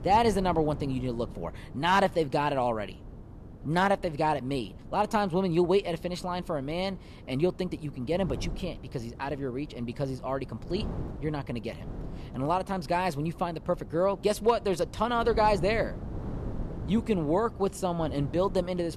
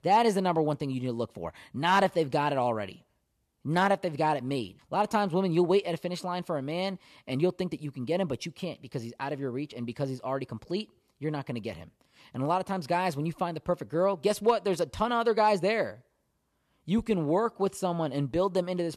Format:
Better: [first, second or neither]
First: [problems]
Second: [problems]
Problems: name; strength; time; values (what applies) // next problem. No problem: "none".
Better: second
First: wind noise on the microphone; occasional gusts; 20 dB below the speech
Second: none